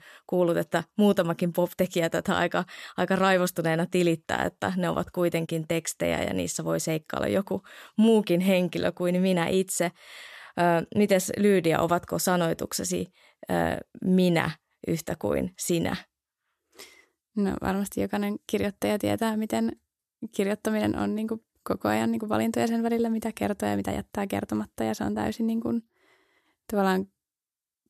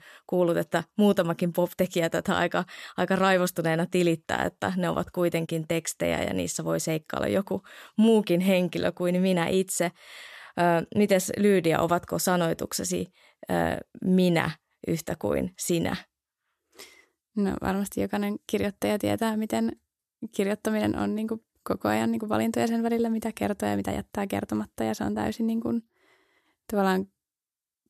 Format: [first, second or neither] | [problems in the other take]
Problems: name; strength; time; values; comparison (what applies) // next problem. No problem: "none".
neither | none